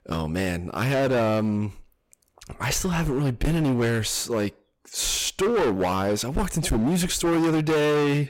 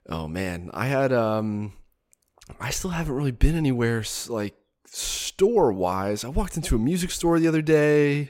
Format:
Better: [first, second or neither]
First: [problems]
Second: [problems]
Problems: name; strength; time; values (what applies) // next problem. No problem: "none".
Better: second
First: distortion; heavy; 20% of the sound clipped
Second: none